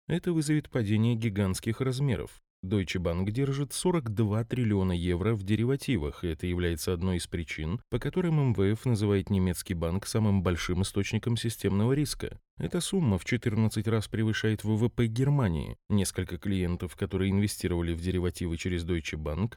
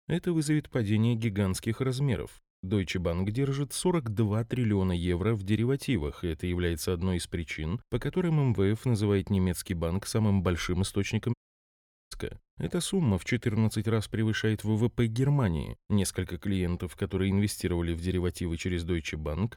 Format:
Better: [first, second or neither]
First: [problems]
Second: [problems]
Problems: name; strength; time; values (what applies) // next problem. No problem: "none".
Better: first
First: none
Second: audio cutting out; at 11 s for 1 s